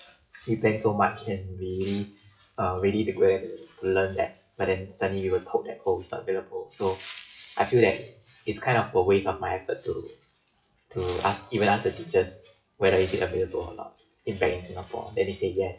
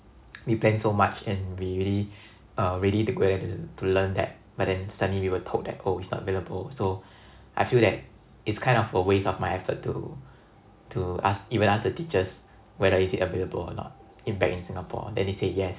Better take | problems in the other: second | noise reduction (classical method WPE with log-MMSE)

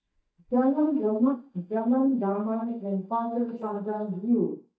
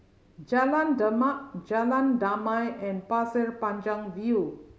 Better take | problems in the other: second | noise reduction (neural mask model DeepFilterNet 3)

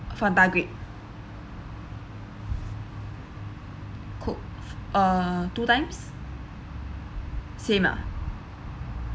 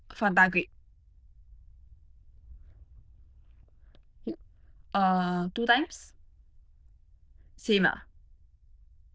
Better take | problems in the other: first | noise reduction (neural diffusion model UNIVERSE++)

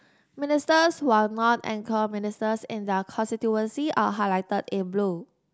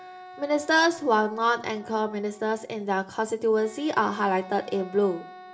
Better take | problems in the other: first | background sound (Wind instrument, woodwind instrument); 20 dB below the speech // room echo; dies away in 0.4 s

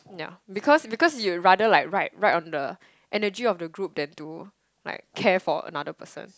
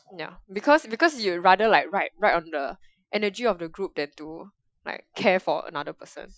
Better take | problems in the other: first | noise reduction (classical method Wiener filter)

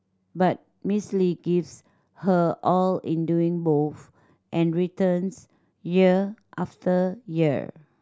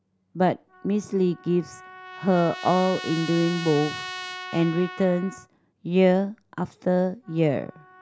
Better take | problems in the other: first | background sound (Trumpet); 14 dB below the speech

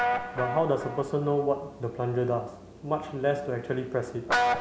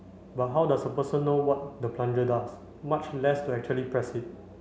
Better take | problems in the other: second | background sound (Guitar); 4 dB below the speech

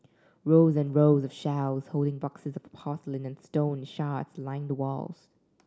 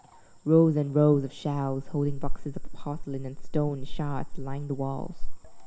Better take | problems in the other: first | background sound (Cricket / Frog); 2 dB below the speech

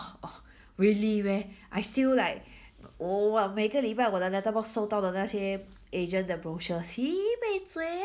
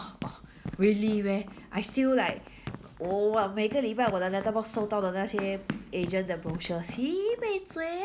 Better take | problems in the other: first | background sound (Run); 13 dB below the speech

